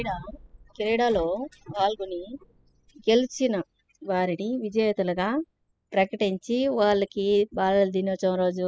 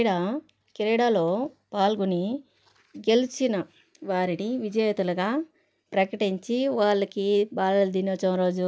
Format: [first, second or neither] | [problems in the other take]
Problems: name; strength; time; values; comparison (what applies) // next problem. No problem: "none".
second | noise reduction (classical method spectral subtraction)